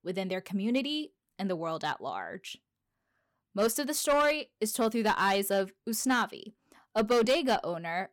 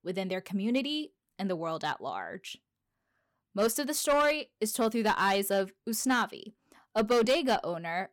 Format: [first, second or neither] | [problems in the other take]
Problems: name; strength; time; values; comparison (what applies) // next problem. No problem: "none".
neither | distortion; slight; 4% of the sound clipped; the same in both